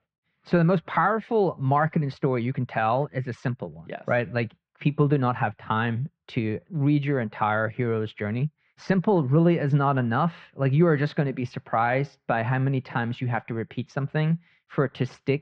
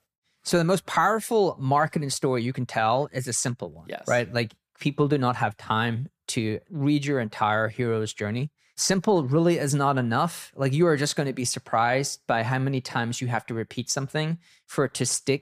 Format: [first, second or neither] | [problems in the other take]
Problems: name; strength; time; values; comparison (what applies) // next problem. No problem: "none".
second | muffled; very; fading above 3 kHz